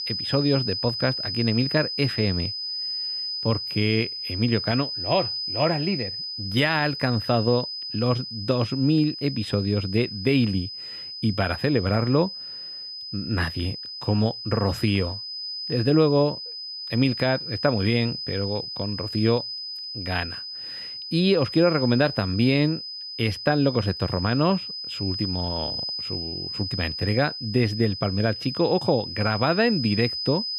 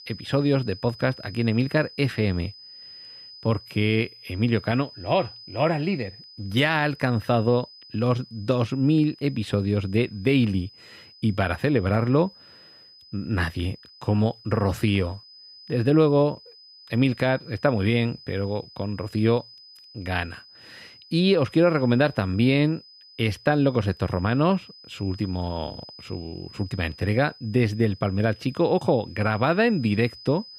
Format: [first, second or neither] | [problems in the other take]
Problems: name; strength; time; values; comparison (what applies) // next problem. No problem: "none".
second | high-pitched whine; loud; throughout; 5 kHz, 6 dB below the speech; faint in the second